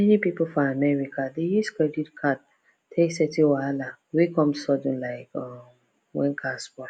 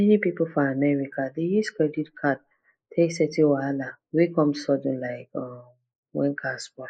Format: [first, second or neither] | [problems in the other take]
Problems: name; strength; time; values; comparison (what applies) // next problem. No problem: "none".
first | noise reduction (neural mask model Resemble Enhance denoiser)